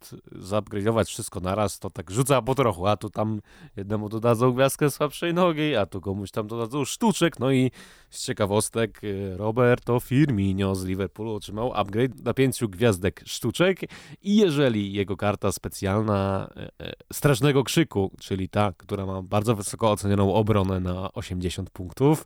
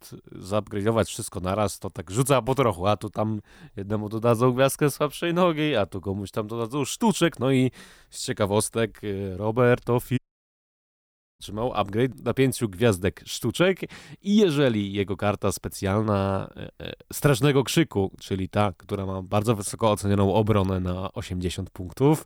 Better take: first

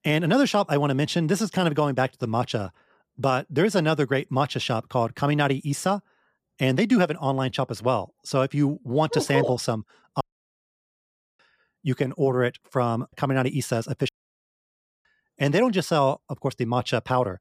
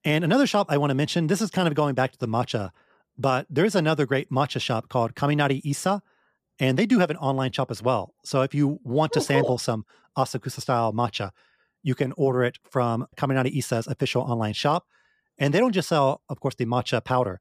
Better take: second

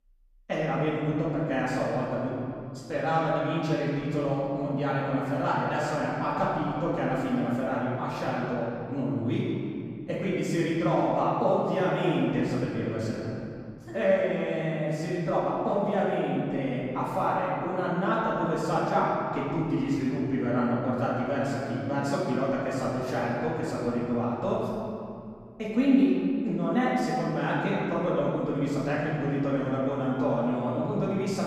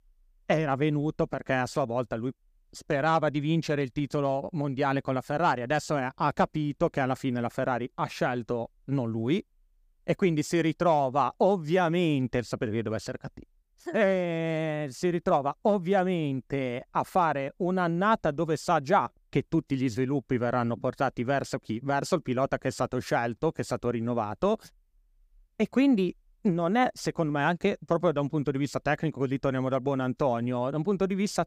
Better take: second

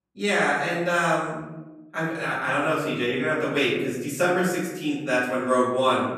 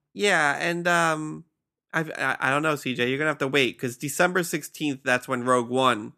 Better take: second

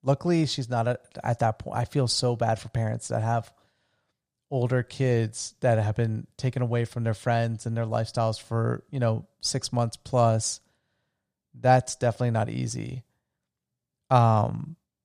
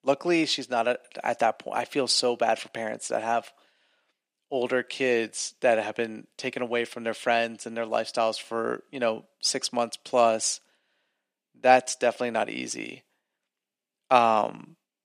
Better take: first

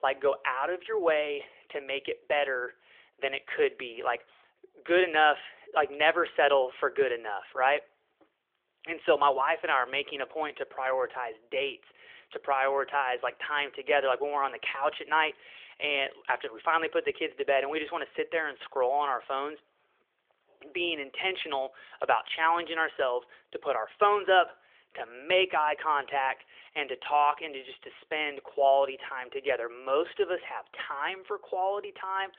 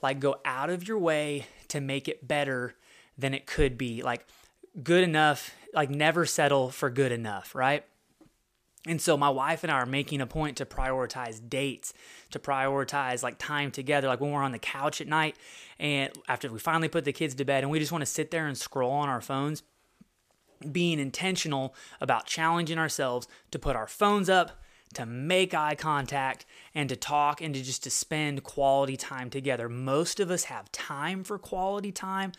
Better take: second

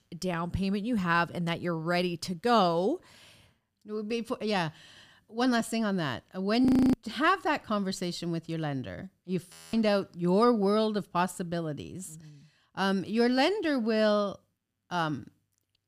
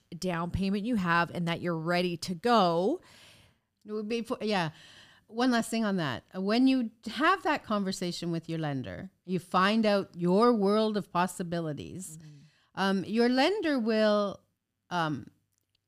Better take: second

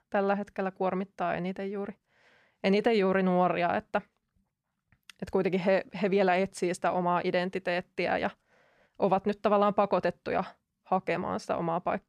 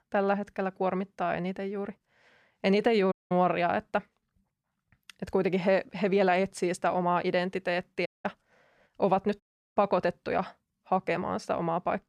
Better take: first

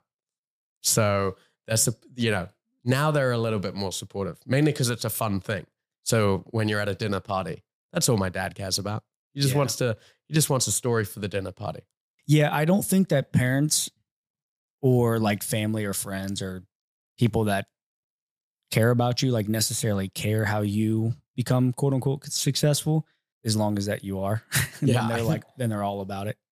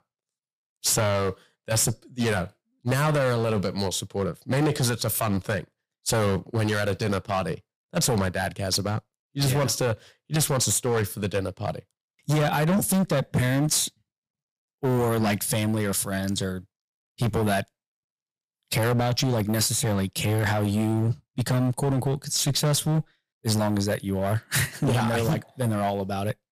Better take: first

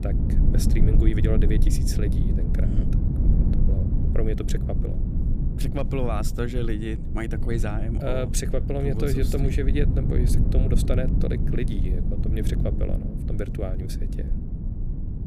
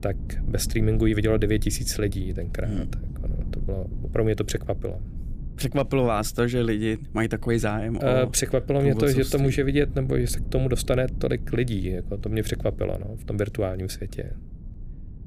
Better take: second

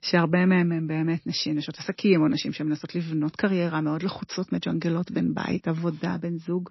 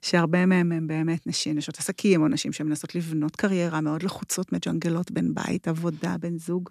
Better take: second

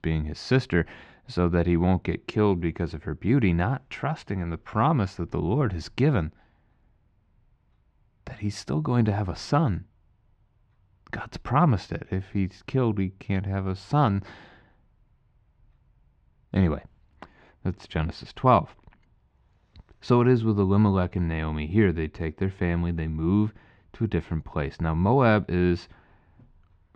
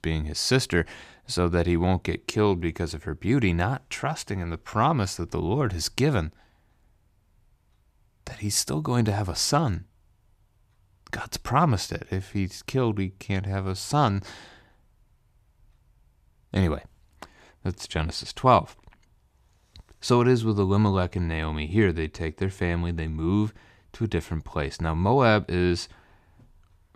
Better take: second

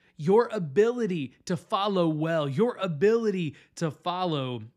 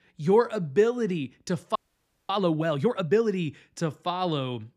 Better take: first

